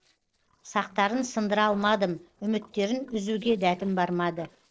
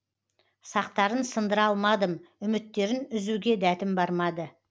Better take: second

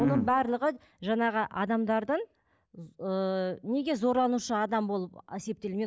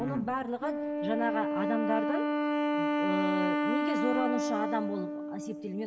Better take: first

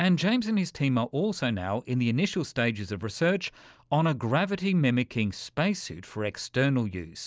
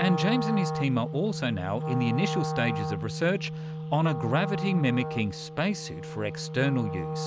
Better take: first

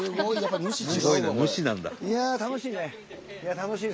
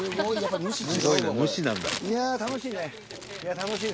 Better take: first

